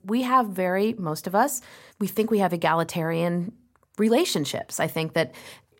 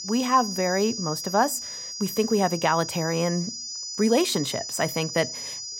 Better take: first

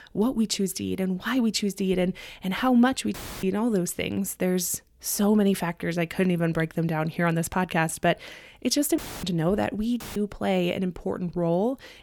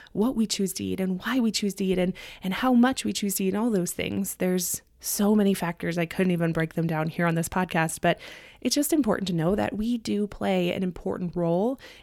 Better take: second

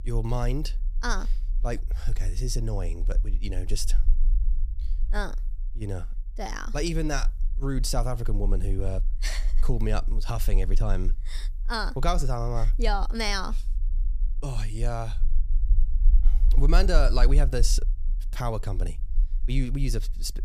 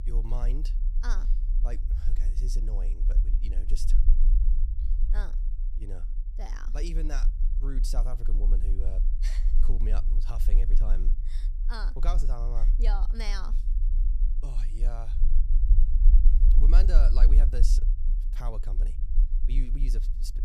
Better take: first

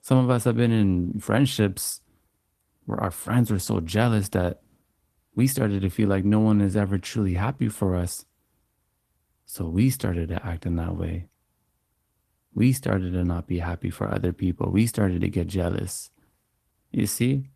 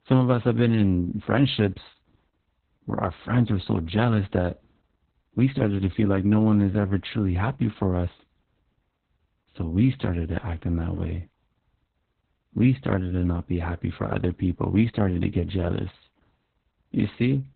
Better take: first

